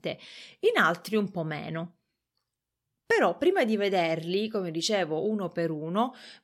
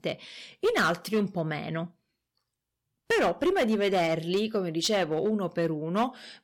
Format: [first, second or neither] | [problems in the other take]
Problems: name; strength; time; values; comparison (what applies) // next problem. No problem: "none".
first | distortion; slight; 5% of the sound clipped